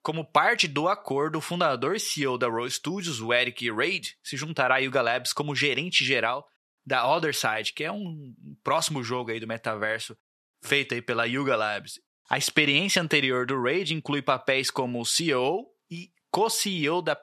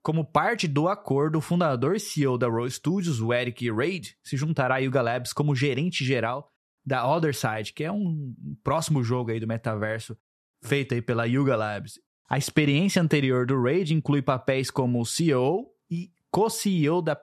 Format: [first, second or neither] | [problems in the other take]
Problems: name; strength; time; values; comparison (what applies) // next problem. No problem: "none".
second | thin; somewhat; fading below 1 kHz